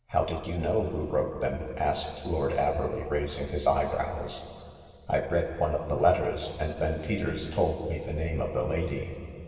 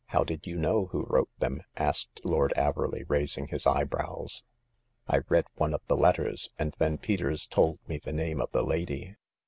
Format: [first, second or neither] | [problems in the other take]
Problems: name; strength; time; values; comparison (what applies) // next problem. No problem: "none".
second | room echo; dies away in 2.6 s